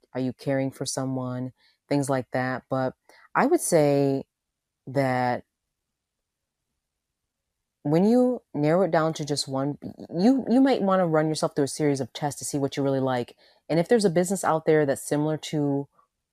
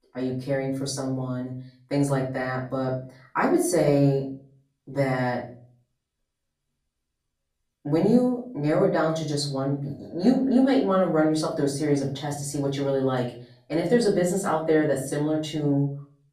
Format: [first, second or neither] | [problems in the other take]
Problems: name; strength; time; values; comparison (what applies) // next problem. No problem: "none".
first | room echo; slight; dies away in 0.4 s // off-mic speech; far